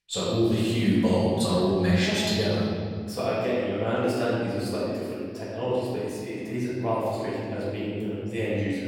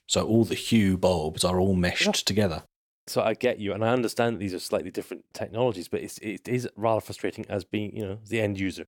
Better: second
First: room echo; strong; dies away in 2.2 s // off-mic speech; far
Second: none

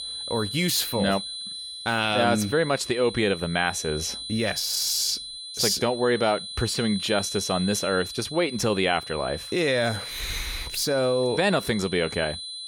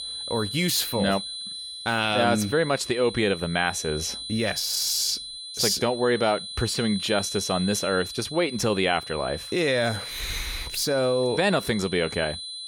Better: neither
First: high-pitched whine; loud; throughout; 4 kHz, 9 dB below the speech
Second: high-pitched whine; loud; throughout; 4 kHz, 9 dB below the speech

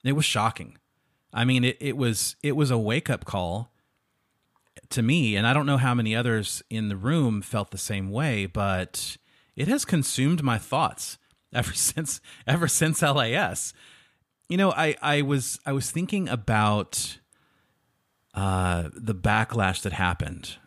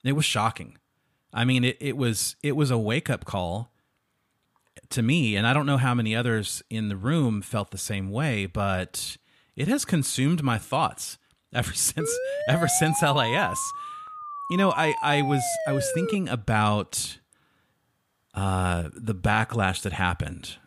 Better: first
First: none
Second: siren; noticeable; from 12 to 16 s; peak 4 dB below the speech

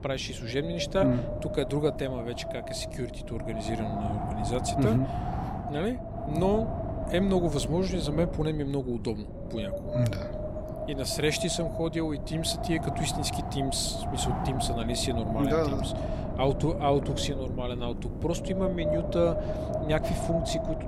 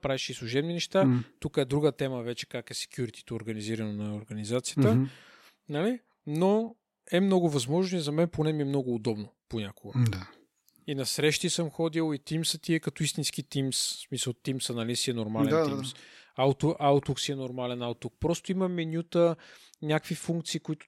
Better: second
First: wind noise on the microphone; heavy; 3 dB below the speech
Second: none

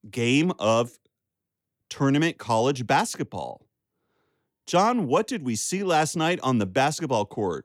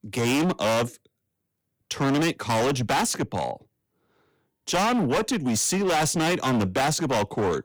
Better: first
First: none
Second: distortion; heavy; 24% of the sound clipped

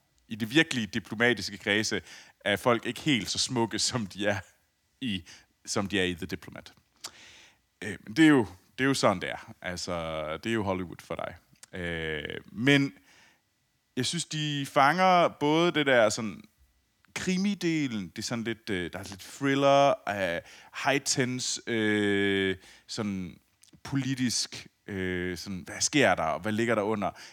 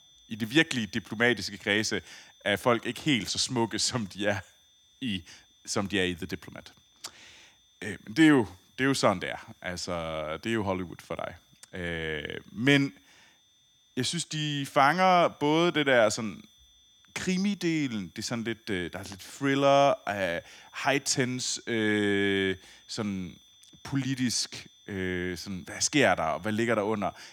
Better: first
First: none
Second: high-pitched whine; faint; throughout; 3.5 kHz, 30 dB below the speech

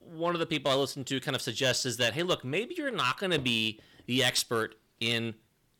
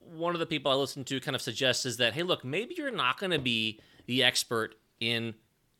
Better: second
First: distortion; slight; 1.6% of the sound clipped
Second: none

